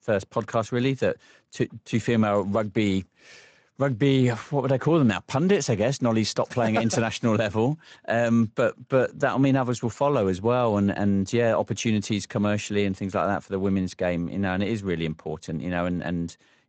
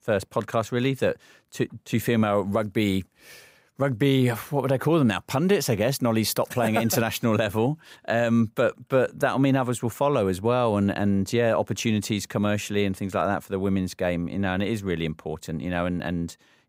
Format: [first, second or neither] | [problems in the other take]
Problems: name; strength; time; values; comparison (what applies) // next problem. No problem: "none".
second | garbled, watery; slightly; nothing above 7.5 kHz